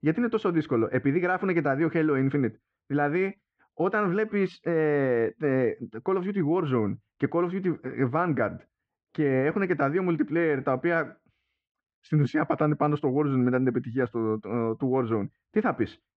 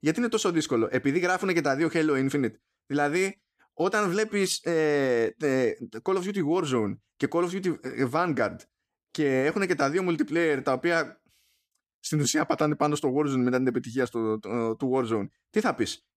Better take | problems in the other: second | muffled; very; fading above 2 kHz

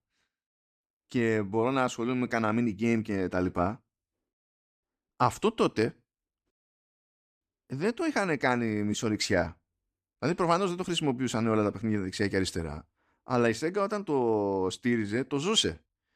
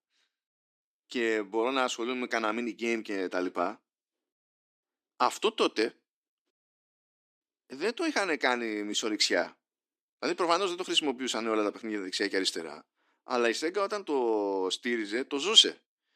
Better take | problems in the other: first | thin; very slightly; fading below 300 Hz

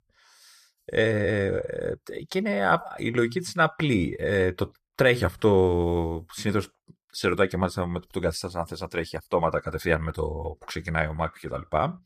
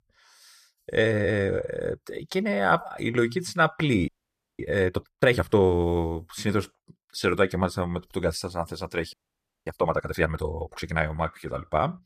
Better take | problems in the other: first | audio freezing; at 4 s for 0.5 s and at 9 s for 0.5 s

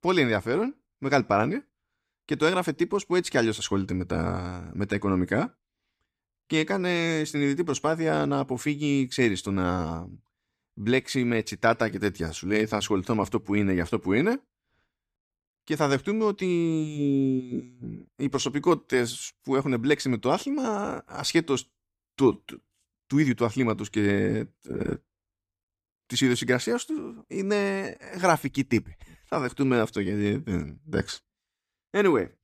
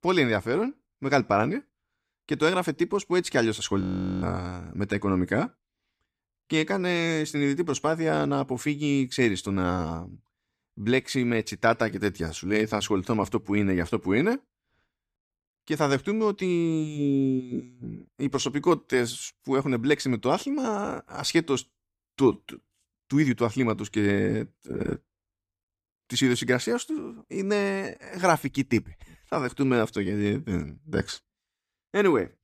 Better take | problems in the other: first | audio freezing; at 4 s

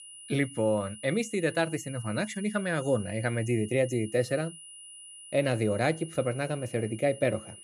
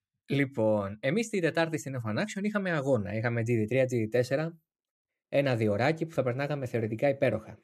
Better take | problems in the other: second | high-pitched whine; noticeable; throughout; 10 kHz, 15 dB below the speech

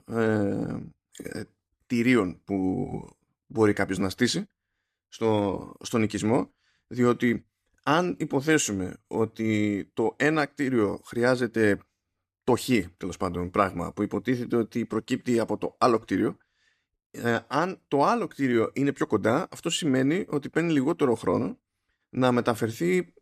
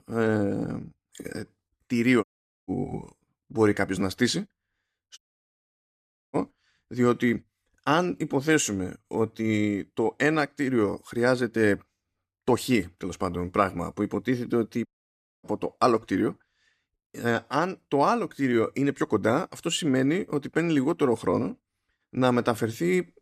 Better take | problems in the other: first | audio cutting out; at 2 s, at 5 s for 1 s and at 15 s for 0.5 s

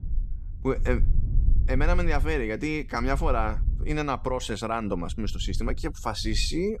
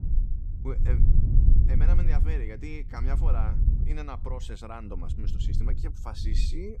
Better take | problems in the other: first | wind noise on the microphone; heavy; 4 dB below the speech; occasional gusts in the first

